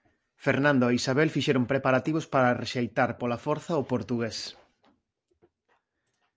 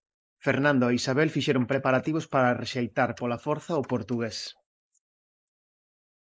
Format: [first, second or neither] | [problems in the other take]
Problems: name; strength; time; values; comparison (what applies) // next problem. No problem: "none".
first | noise reduction (neural mask model Resemble Enhance denoiser)